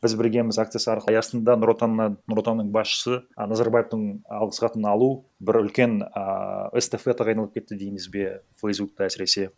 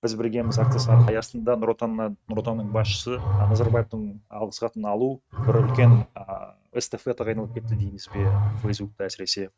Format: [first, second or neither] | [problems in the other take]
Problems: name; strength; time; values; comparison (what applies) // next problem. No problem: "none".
first | noise reduction (neural mask model RNNoise)